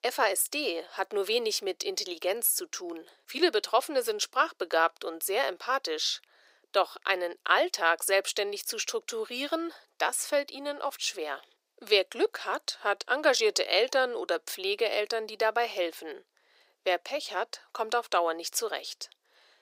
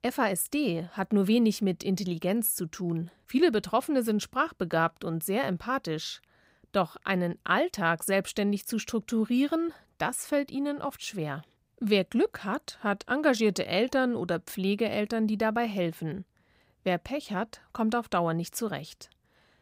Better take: second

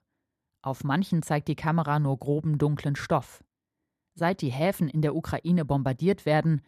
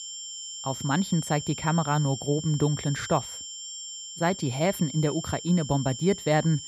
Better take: first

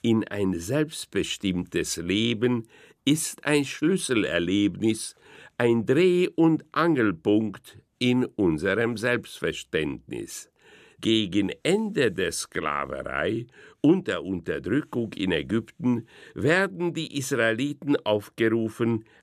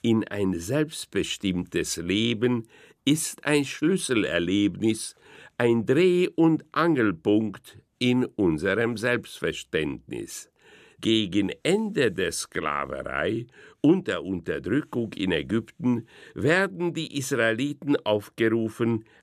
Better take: neither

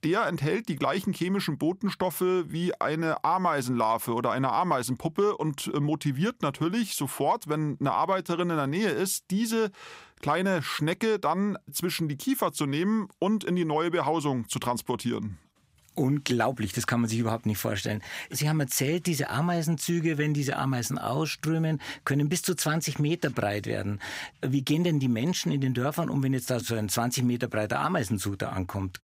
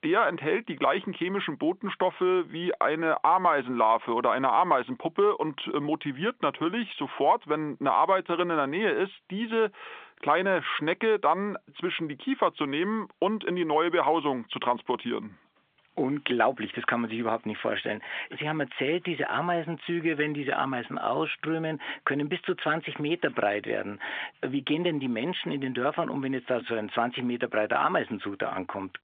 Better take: first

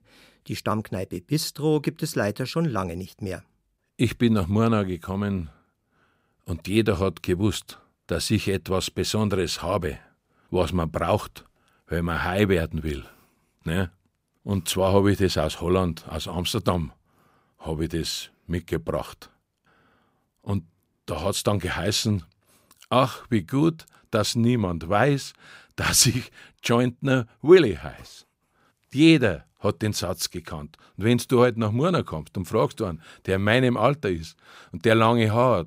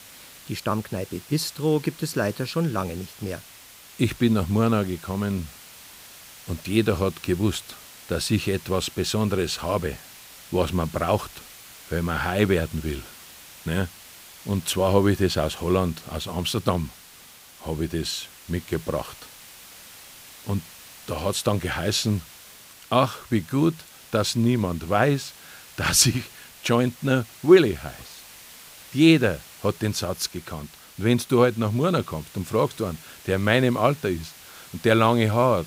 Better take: first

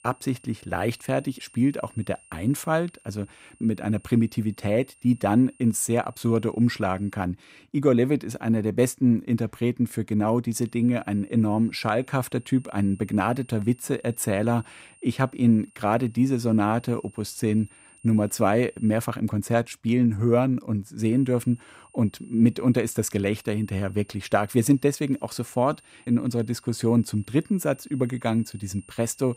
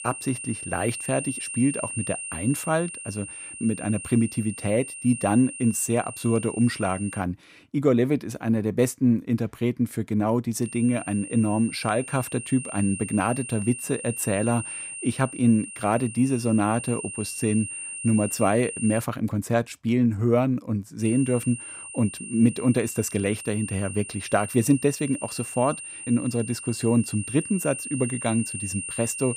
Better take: first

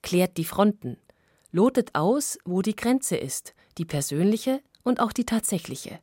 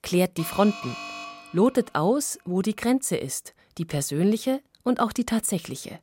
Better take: first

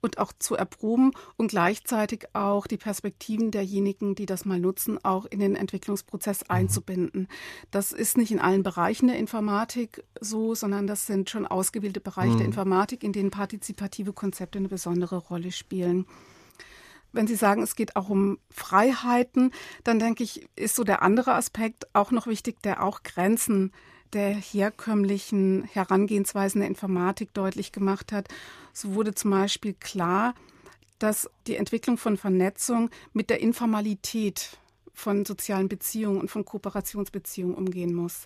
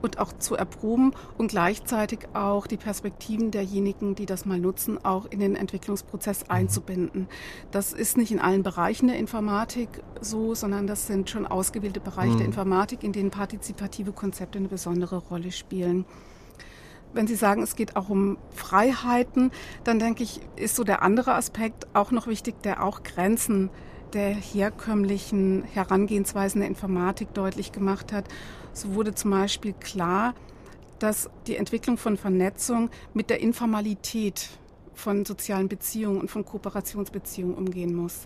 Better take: first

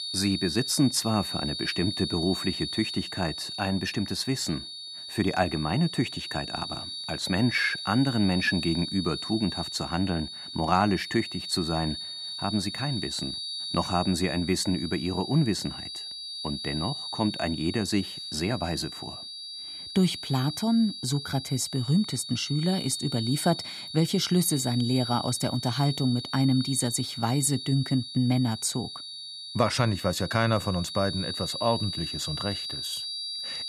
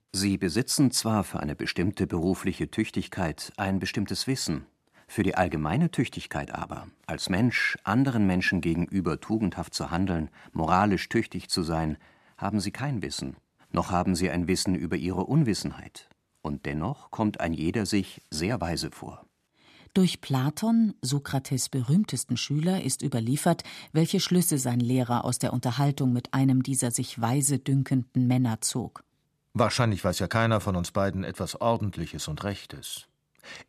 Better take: second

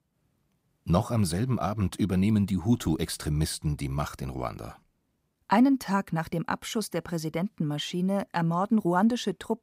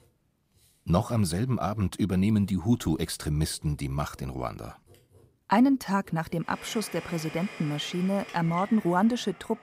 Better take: first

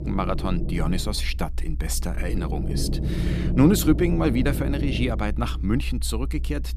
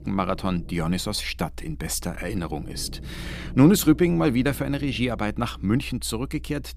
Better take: second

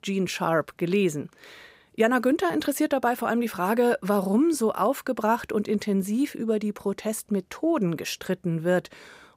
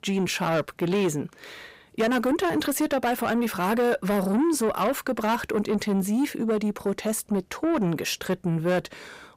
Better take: first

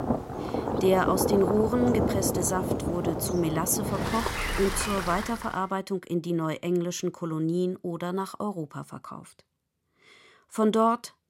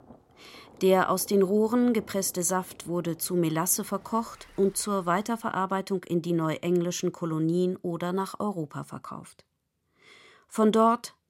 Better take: second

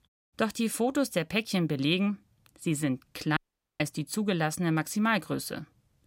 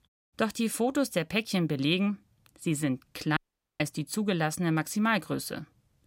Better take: neither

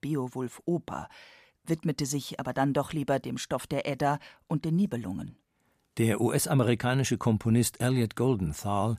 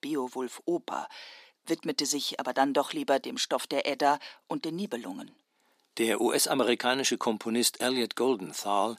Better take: first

